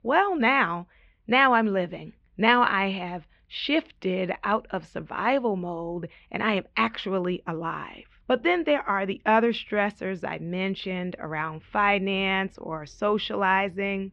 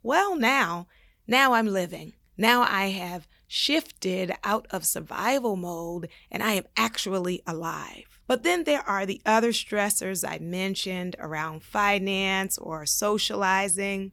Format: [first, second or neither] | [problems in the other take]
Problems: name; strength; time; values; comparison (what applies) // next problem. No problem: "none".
second | muffled; very; fading above 3 kHz